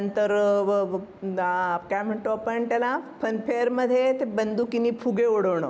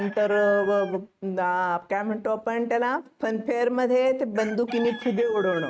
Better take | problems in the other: first | noise reduction (neural mask model RNNoise)

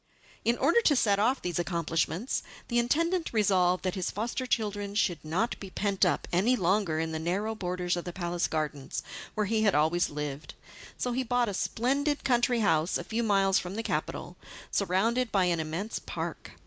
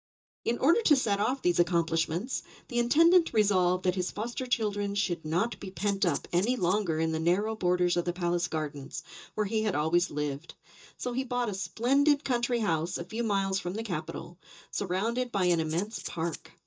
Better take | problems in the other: first | noise reduction (neural mask model DeepFilterNet 3)

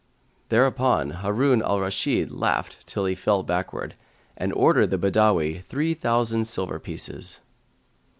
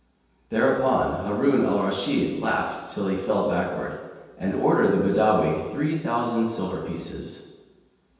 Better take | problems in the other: first | room echo; dies away in 1.2 s

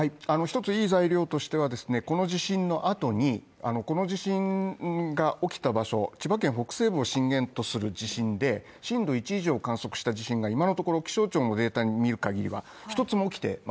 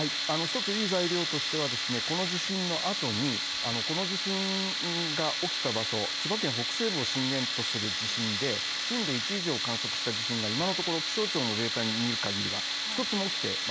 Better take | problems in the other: first | background sound (Tools); 2 dB above the speech

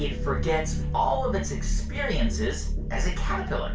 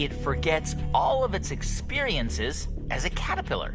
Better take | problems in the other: second | room echo; dies away in 0.2 s

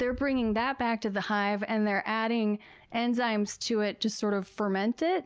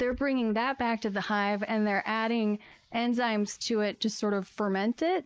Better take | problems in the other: first | noise reduction (neural mask model Resemble Enhance denoiser)

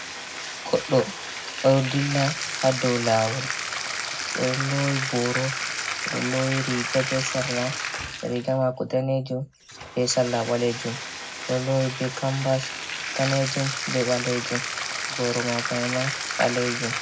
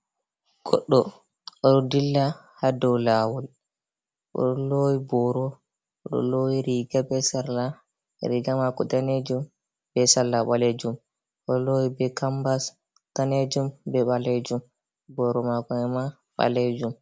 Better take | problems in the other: second | background sound (Bathtub (filling or washing)); 5 dB below the speech // room echo; dies away in 0.3 s

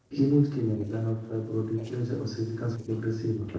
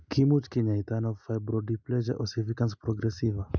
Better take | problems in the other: second | noise reduction (neural separator model SepFormer DNS4)

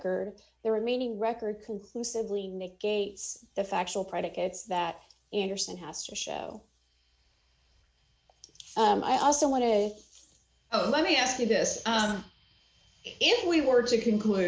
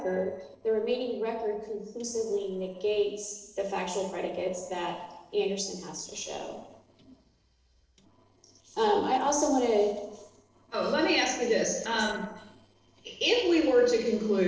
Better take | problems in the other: first | noise reduction (neural separator model SepFormer DNS4)

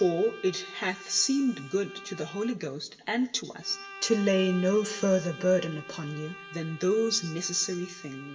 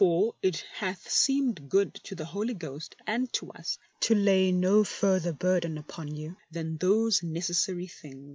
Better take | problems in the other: second | background sound (Bowed string instrument); 16 dB below the speech // room echo; dies away in 0.7 s

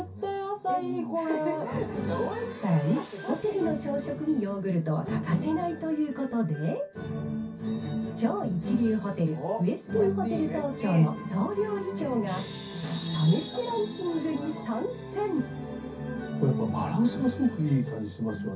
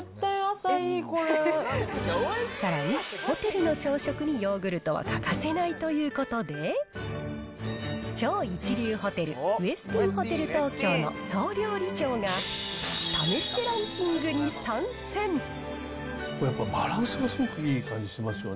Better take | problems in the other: second | room echo; dies away in 0.3 s

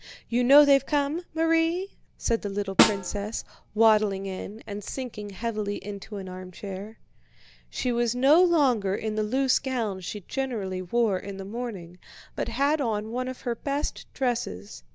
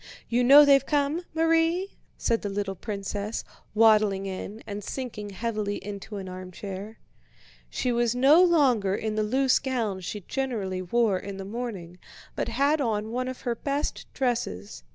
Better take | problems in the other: second | background sound (Snare drum); 1 dB below the speech

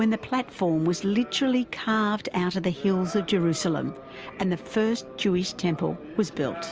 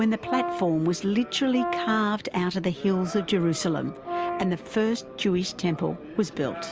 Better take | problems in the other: first | background sound (Brass instrument); 7 dB below the speech

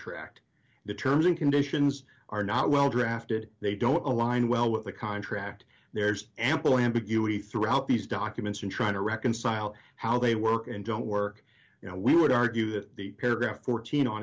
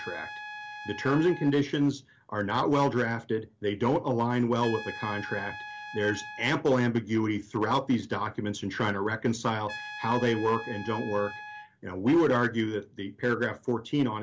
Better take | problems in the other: first | background sound (Trumpet); 16 dB below the speech

